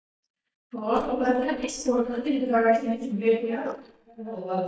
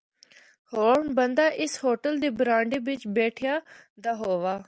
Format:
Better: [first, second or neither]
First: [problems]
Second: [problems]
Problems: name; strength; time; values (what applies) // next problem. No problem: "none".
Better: second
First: noise reduction (neural mask model DeepFilterNet 3)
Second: none